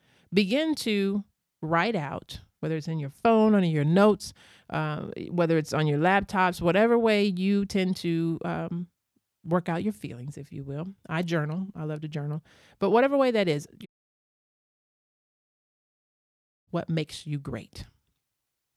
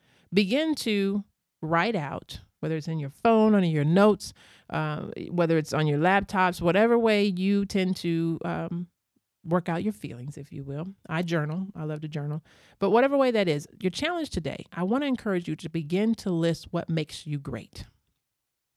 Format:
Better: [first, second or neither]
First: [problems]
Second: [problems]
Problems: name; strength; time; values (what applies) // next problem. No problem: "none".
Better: second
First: audio cutting out; at 14 s for 3 s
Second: none